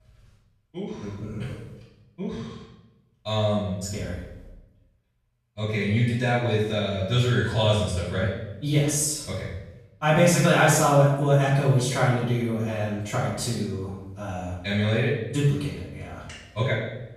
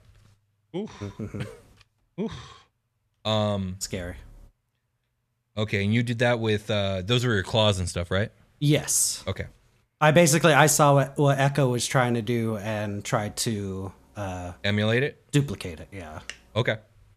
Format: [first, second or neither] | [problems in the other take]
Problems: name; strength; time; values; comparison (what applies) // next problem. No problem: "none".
second | room echo; noticeable; dies away in 0.8 s // off-mic speech; far